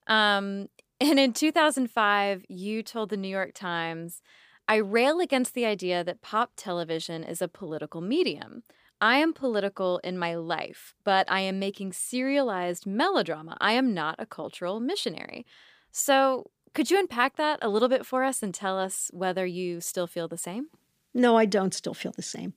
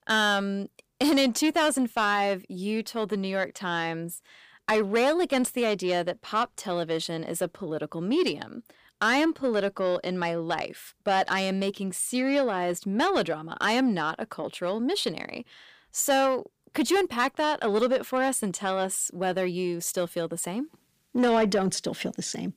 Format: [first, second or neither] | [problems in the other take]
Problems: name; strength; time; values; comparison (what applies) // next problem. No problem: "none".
first | distortion; slight; 10 dB below the speech